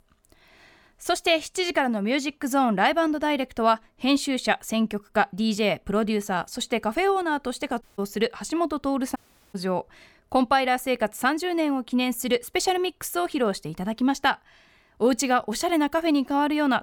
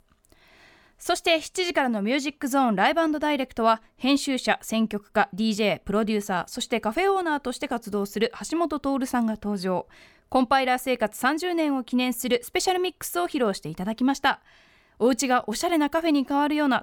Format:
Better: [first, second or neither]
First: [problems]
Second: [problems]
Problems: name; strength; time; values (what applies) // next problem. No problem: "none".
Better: second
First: audio cutting out; at 8 s and at 9 s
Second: none